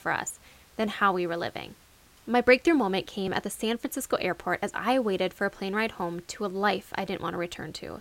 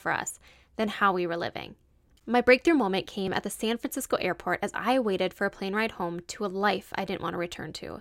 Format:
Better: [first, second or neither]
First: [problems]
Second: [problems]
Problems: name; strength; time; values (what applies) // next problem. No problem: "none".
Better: second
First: hiss; faint; throughout; 30 dB below the speech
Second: none